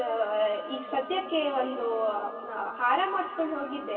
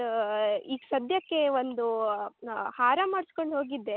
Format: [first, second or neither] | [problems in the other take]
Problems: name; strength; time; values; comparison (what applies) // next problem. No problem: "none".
second | background sound (Alarm); 14 dB below the speech // room echo; dies away in 2.5 s